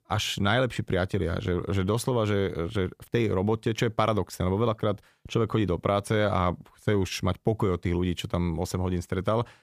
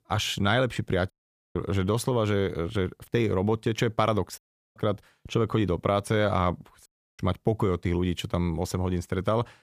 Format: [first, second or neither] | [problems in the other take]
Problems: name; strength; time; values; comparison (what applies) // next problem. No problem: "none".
first | audio cutting out; at 1 s, at 4.5 s and at 7 s